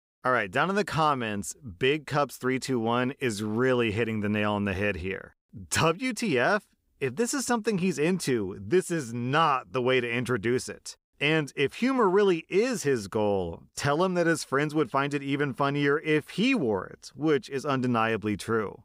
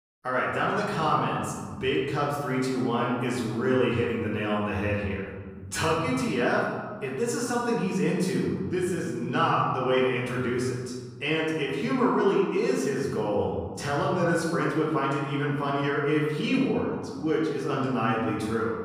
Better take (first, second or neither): first